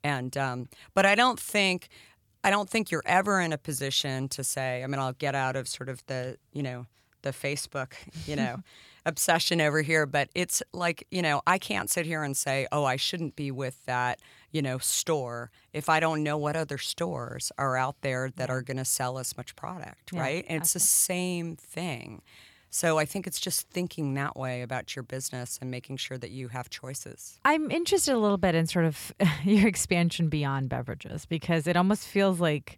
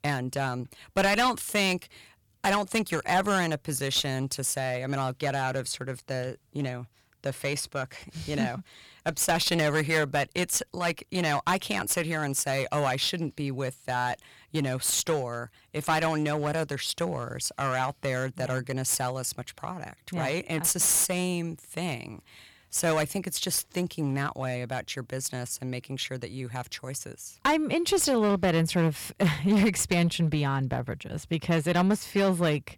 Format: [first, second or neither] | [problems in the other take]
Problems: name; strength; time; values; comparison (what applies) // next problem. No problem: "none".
first | distortion; slight; 5% of the sound clipped